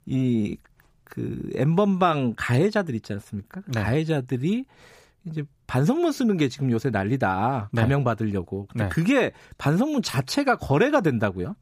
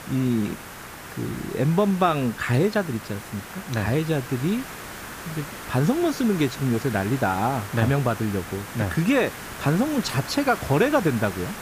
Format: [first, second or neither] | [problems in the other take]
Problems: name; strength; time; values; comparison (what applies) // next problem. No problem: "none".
first | hiss; noticeable; throughout; 10 dB below the speech